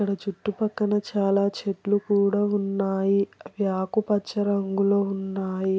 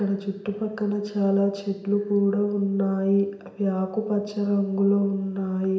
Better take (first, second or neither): first